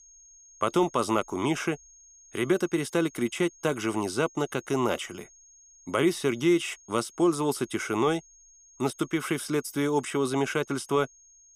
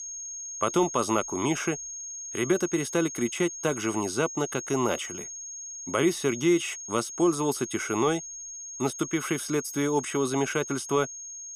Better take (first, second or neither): first